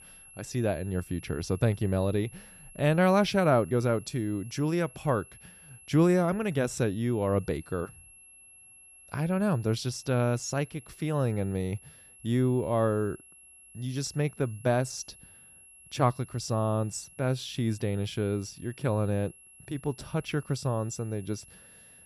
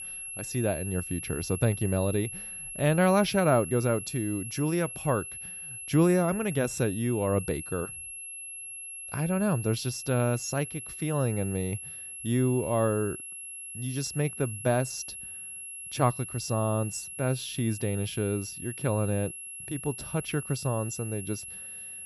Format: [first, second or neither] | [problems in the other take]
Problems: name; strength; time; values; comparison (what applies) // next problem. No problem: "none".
first | high-pitched whine; loud; throughout; 11 kHz, 9 dB below the speech; faint in the first